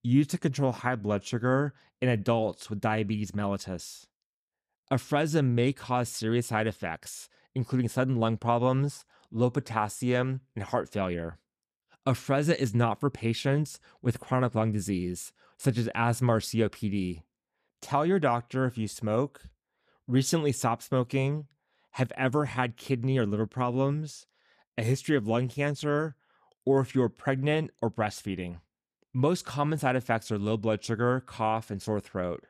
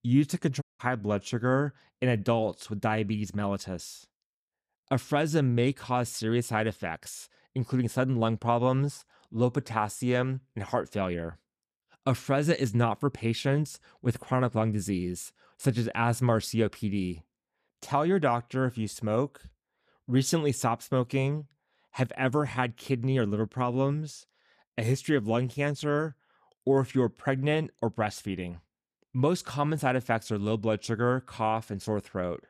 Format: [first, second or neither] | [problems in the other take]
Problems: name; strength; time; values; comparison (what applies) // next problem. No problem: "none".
first | audio cutting out; at 0.5 s